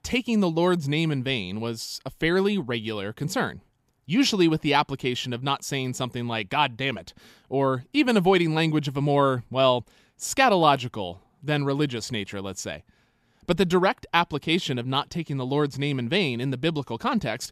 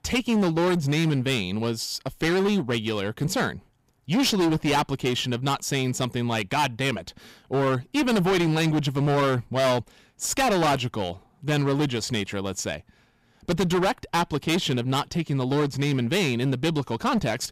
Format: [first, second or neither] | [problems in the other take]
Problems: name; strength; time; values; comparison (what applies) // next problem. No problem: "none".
first | distortion; heavy; 16% of the sound clipped